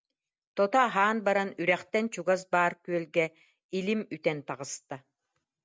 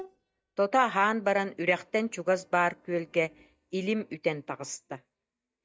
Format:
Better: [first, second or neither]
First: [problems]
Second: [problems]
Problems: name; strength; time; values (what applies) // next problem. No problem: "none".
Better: first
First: none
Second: noise reduction (neural mask model DeepFilterNet 3)